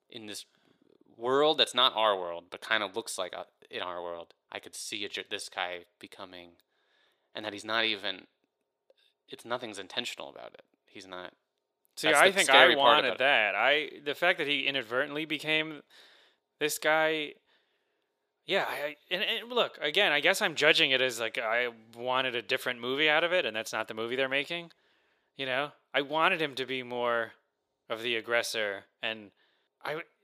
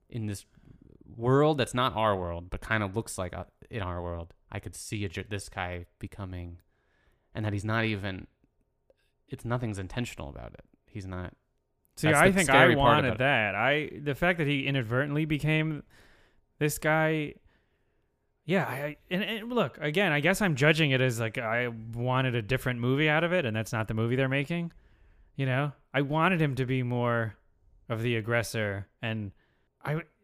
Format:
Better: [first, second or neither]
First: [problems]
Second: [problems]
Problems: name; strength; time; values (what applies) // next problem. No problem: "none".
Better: second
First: thin; somewhat; fading below 450 Hz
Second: none